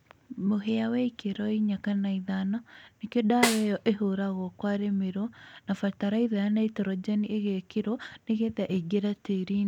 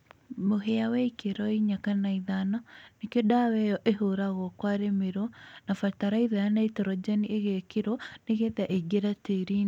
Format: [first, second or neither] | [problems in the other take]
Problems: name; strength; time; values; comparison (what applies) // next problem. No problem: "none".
second | background sound (Snare drum); 5 dB below the speech